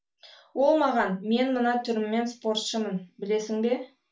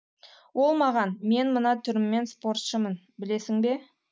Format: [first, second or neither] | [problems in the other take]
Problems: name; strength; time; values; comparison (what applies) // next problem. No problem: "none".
second | room echo; dies away in 0.2 s